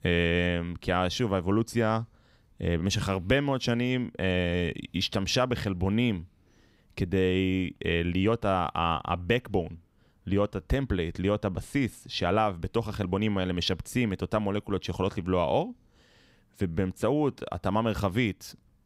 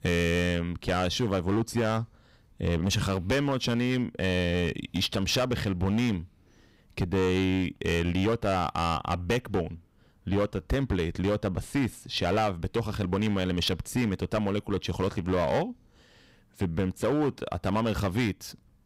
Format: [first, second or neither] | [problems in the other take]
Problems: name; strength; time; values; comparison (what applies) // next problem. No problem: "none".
first | distortion; slight; 10% of the sound clipped